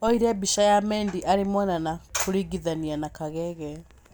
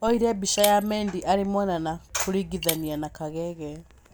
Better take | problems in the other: first | background sound (Shatter); 12 dB below the speech

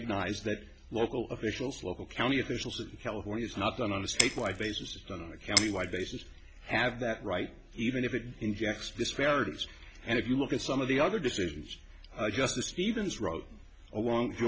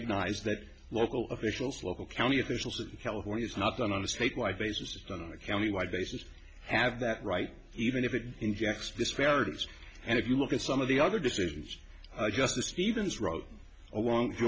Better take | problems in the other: second | background sound (Shatter); 3 dB below the speech

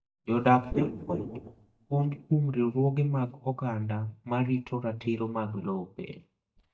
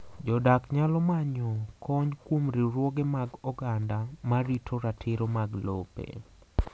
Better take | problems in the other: second | noise reduction (neural mask model DeepFilterNet 3)

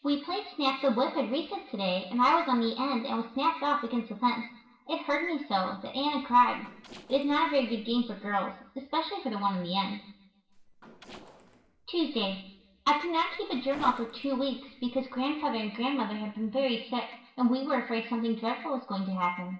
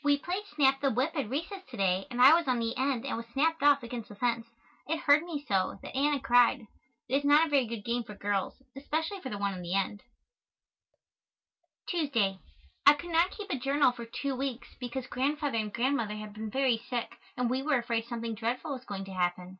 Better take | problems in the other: second | noise reduction (neural separator model SepFormer DNS4)

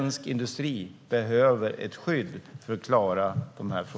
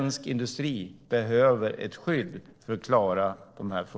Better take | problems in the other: first | noise reduction (neural separator model SepFormer DNS4)

